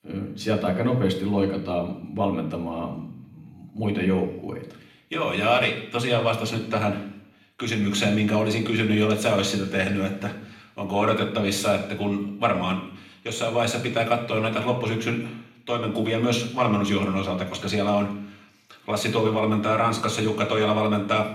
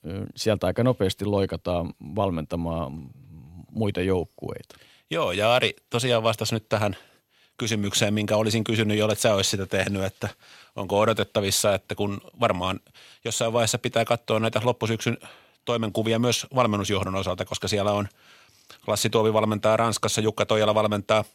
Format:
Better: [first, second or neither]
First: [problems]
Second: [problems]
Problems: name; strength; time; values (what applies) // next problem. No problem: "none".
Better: second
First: room echo; slight; dies away in 0.8 s // off-mic speech; somewhat distant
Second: none